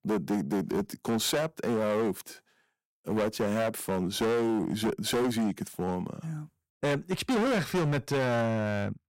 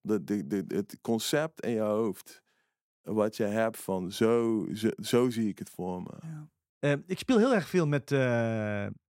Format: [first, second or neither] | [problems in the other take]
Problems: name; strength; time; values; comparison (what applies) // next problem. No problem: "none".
second | distortion; heavy; 18% of the sound clipped